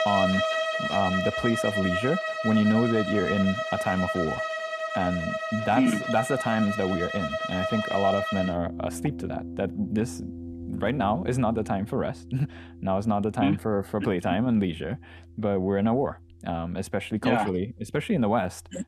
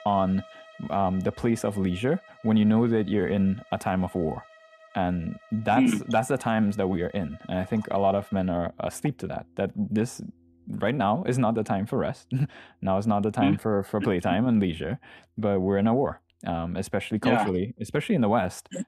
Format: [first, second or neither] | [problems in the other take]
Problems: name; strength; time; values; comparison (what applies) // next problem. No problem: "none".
second | background music; loud; throughout; 3 dB below the speech; faint in the second